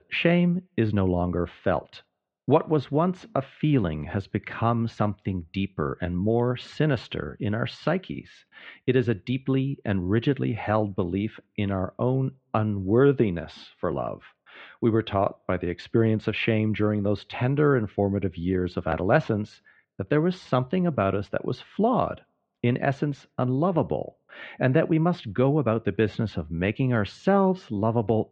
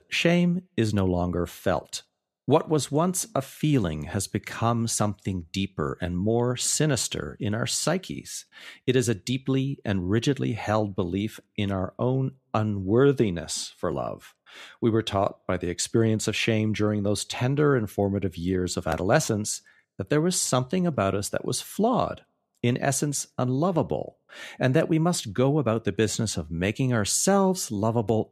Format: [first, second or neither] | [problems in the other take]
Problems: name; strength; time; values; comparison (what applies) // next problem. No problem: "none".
second | muffled; very; fading above 3 kHz